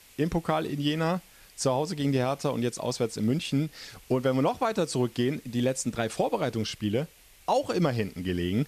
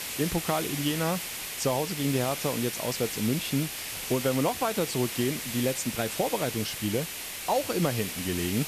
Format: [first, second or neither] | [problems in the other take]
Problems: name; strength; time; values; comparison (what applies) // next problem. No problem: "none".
first | hiss; loud; throughout; 4 dB below the speech; faint in the first